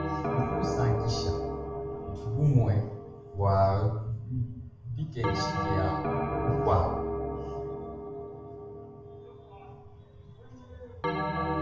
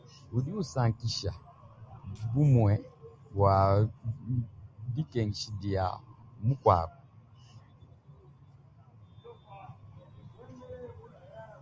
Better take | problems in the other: second | background sound (Bell); 2 dB below the speech // room echo; dies away in 0.6 s

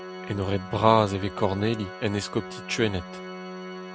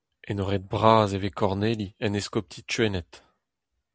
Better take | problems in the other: second | background sound (Organ); 12 dB below the speech

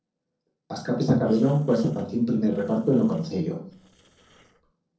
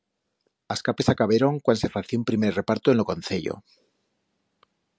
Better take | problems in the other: second | noise reduction (neural separator model SepFormer DNS4)

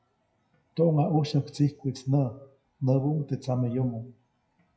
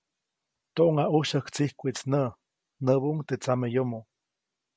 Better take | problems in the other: second | noise reduction (classical method WPE with log-MMSE)

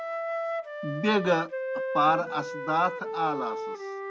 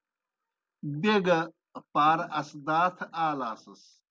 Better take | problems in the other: second | background sound (Wind instrument, woodwind instrument); 4 dB below the speech

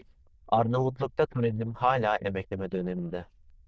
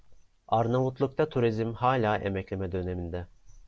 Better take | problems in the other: second | noise reduction (neural diffusion model UNIVERSE++)

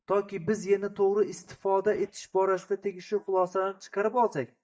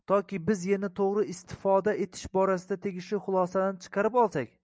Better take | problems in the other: second | noise reduction (neural mask model DeepFilterNet 3)

